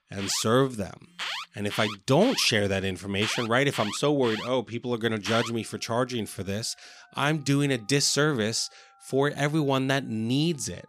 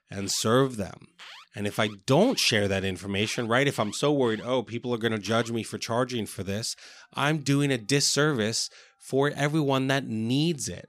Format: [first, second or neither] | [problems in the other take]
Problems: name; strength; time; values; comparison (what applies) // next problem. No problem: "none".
second | alarms or sirens; loud; throughout; 9 dB below the speech; faint in the second